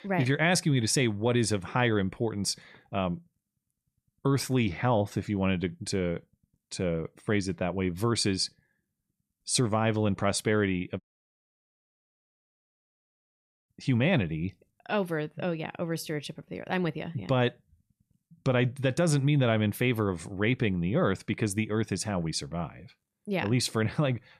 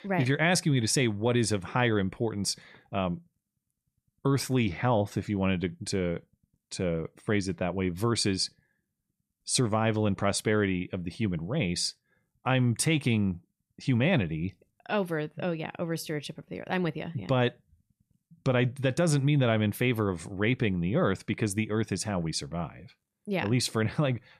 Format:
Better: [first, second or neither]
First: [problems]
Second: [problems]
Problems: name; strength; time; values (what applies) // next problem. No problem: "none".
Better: second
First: audio cutting out; at 11 s for 2.5 s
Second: none